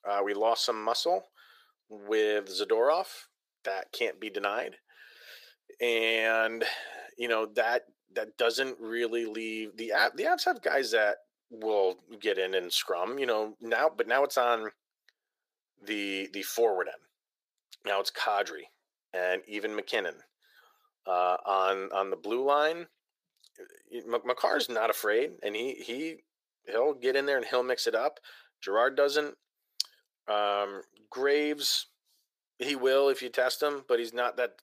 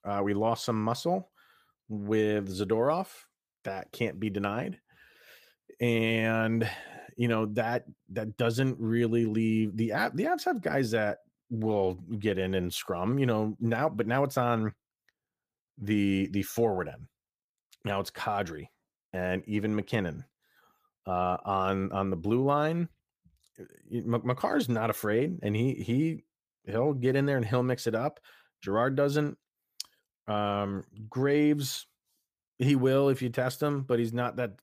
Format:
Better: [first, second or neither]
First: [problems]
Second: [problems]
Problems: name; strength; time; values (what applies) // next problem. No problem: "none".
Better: second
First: thin; very; fading below 400 Hz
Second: none